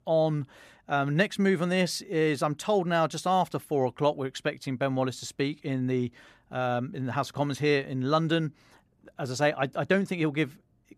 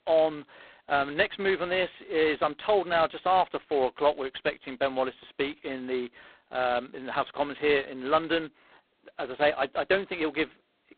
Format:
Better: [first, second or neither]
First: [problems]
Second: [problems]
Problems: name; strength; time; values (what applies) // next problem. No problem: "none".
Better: first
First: none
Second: phone-call audio; poor line; nothing above 4 kHz